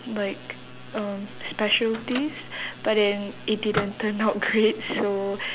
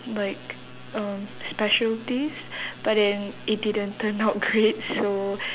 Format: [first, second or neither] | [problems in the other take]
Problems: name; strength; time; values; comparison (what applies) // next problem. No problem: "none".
second | background sound (Microwave oven); 13 dB below the speech